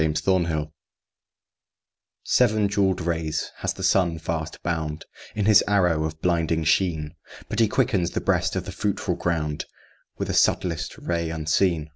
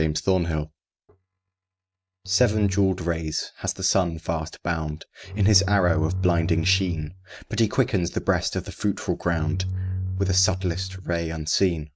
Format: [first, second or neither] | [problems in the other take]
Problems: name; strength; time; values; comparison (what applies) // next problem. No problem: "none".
first | noise reduction (neural mask model RNNoise)